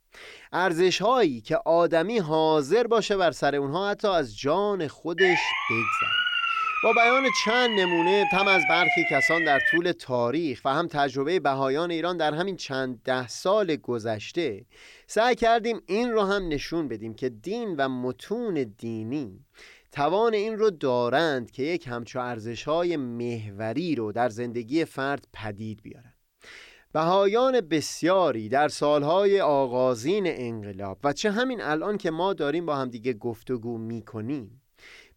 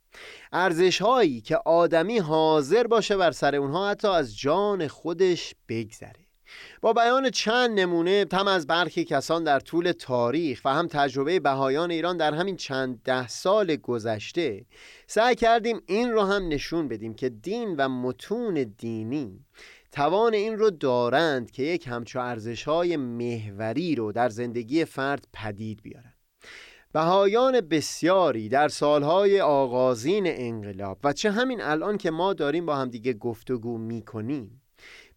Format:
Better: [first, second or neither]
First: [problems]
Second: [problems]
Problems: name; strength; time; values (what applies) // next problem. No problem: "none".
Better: second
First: siren; loud; from 5 to 10 s; peak 5 dB above the speech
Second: none